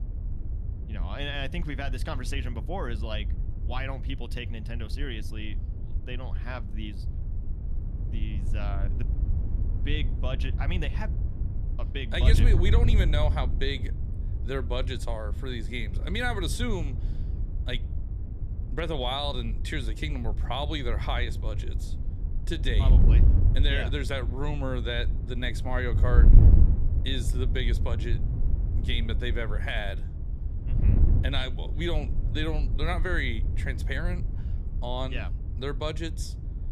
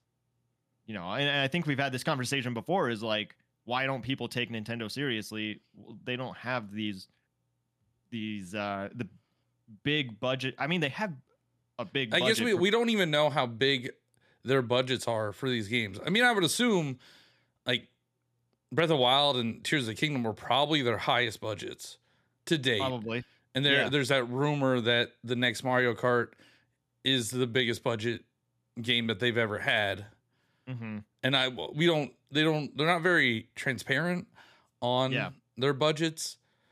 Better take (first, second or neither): second